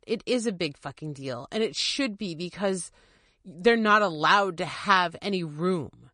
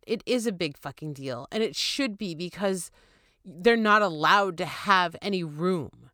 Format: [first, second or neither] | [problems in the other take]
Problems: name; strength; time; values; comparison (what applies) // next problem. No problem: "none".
second | garbled, watery; slightly; nothing above 9.5 kHz